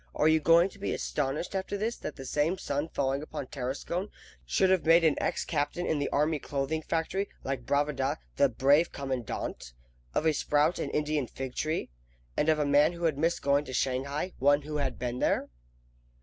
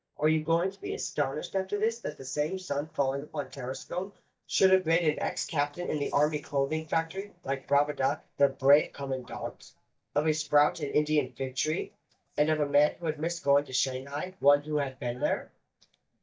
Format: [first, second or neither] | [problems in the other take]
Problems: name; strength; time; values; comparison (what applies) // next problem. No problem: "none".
first | noise reduction (neural mask model DeepFilterNet 3)